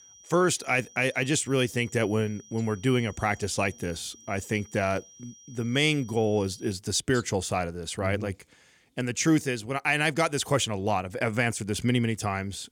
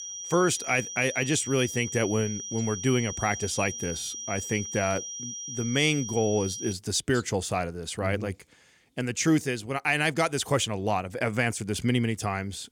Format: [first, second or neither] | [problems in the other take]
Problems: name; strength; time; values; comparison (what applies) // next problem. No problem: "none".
first | high-pitched whine; loud; until 6.5 s; 5.5 kHz, 7 dB below the speech; faint in the first